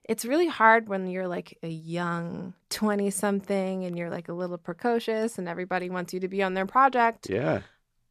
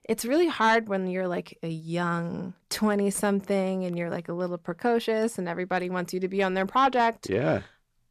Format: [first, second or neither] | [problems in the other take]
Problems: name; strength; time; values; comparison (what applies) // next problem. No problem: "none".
first | distortion; slight; 10 dB below the speech